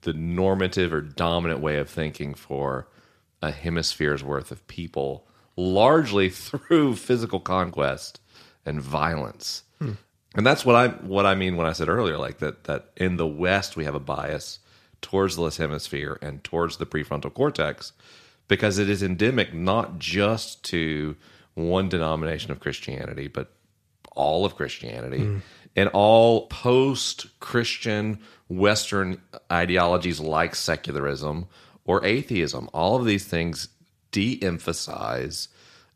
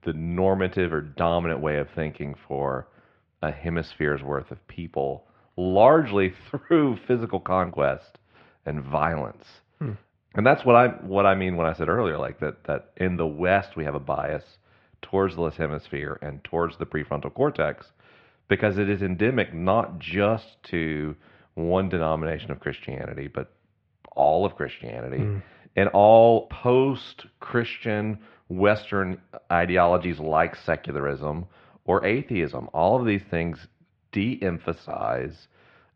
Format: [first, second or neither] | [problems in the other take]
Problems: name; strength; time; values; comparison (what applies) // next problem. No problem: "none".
first | muffled; very; fading above 2.5 kHz